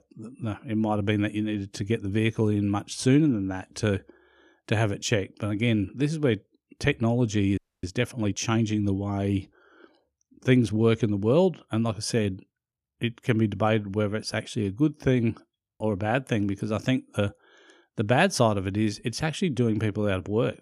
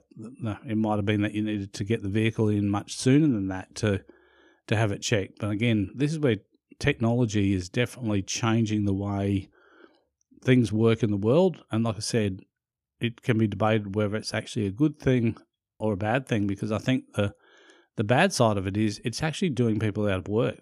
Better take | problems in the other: second | audio freezing; at 7.5 s

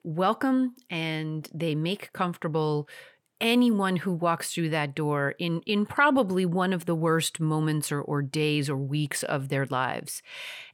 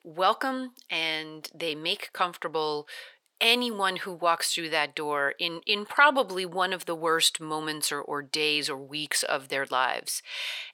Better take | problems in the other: first | thin; very; fading below 550 Hz

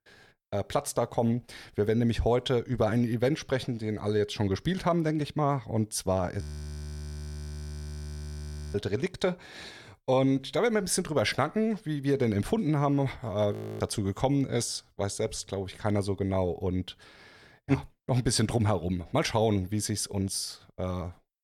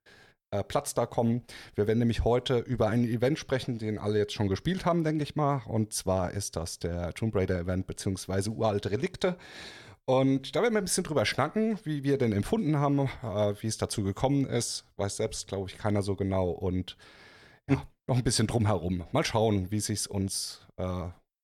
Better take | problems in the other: second | audio freezing; at 6.5 s for 2.5 s and at 14 s

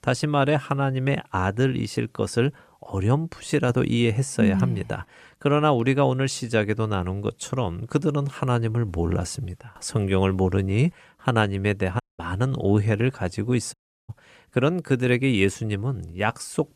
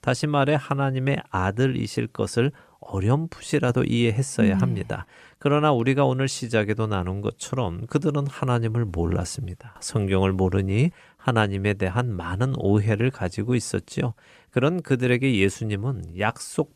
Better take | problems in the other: second | audio cutting out; at 12 s and at 14 s

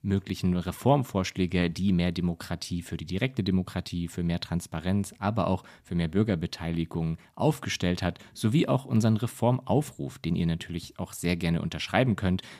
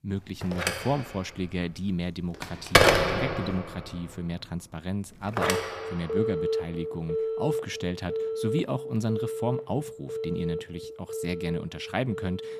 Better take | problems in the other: first | alarms or sirens; very loud; throughout; 4 dB above the speech

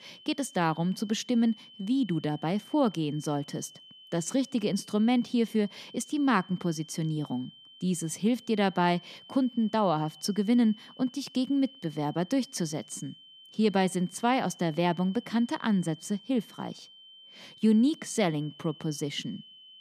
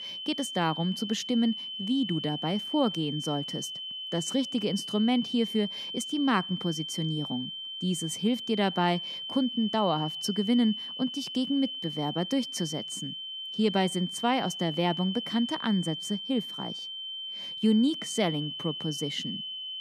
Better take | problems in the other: first | high-pitched whine; loud; throughout; 3 kHz, 5 dB below the speech; faint in the first

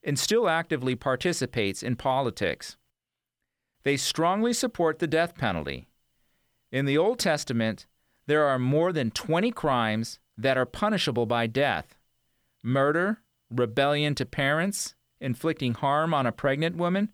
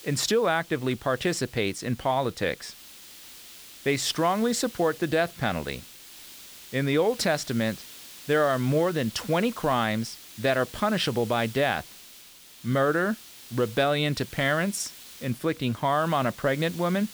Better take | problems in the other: first | hiss; noticeable; throughout; 15 dB below the speech

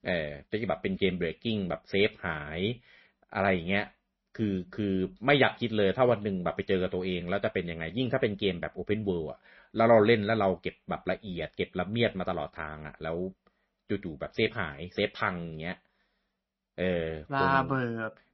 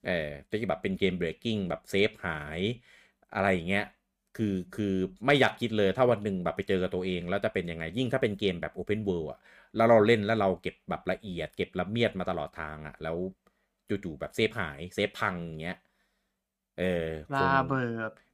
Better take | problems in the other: second | garbled, watery; slightly; nothing above 5.5 kHz

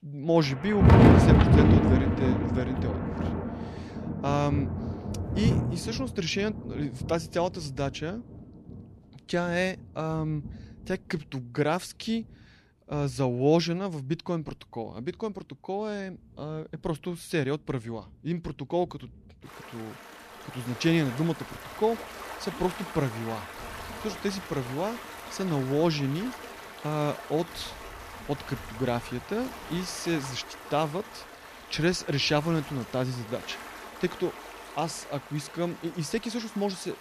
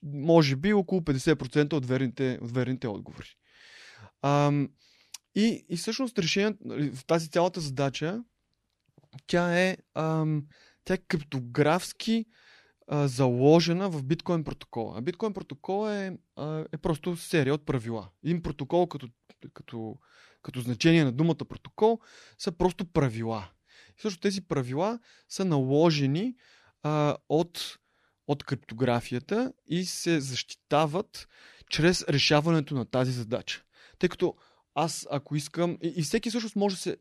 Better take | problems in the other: second | rain or running water; very loud; throughout; 3 dB above the speech

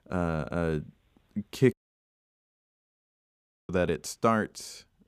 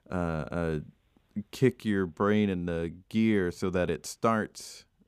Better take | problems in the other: second | audio cutting out; at 1.5 s for 2 s

